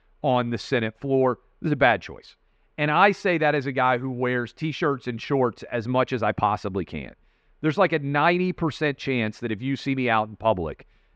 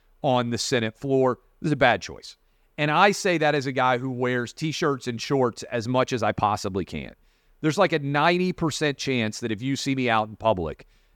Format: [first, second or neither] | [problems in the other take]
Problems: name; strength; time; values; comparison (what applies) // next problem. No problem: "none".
second | muffled; slightly; fading above 2.5 kHz